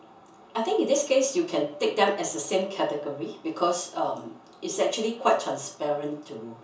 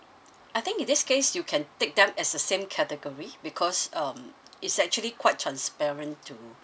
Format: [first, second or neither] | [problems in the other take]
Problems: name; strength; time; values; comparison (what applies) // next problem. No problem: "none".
second | room echo; dies away in 0.6 s